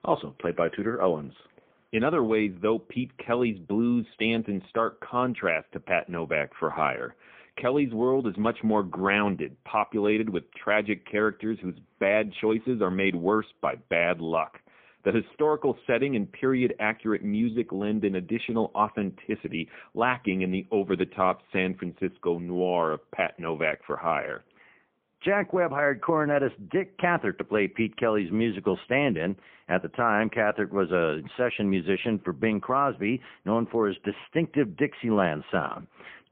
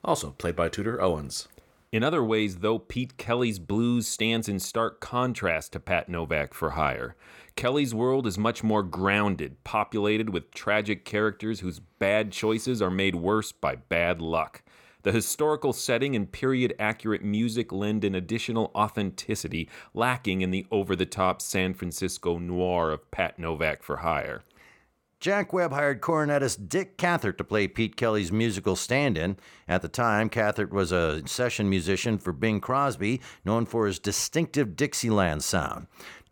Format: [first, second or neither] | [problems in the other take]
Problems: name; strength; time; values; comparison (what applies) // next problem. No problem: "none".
second | phone-call audio; poor line; nothing above 3.5 kHz